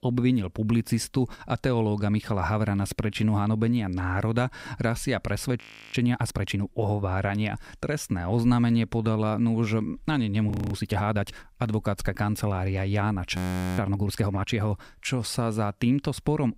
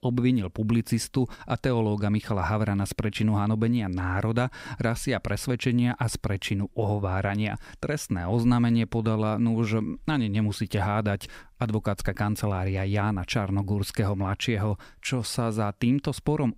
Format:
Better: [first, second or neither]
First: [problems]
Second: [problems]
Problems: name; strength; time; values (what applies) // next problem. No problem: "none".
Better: second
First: audio freezing; at 5.5 s, at 11 s and at 13 s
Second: none